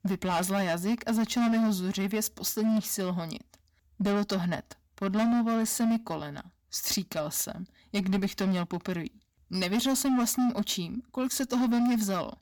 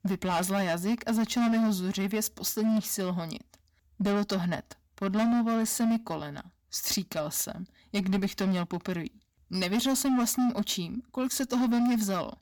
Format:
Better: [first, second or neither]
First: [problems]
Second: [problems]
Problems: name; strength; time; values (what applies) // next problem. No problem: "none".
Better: neither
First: distortion; slight; 13% of the sound clipped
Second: distortion; slight; 13% of the sound clipped